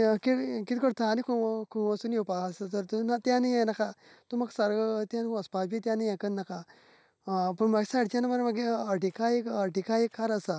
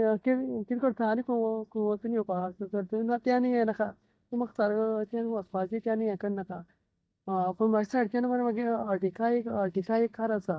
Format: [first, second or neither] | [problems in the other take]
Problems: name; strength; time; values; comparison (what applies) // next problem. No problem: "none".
first | noise reduction (neural mask model DeepFilterNet 3)